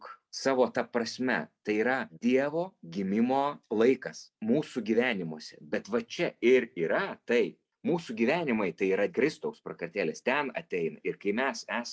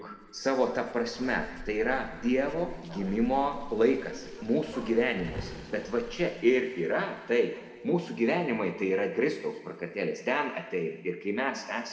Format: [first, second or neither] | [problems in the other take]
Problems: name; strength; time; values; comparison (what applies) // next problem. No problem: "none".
first | background sound (Bark); 16 dB below the speech // room echo; dies away in 1.4 s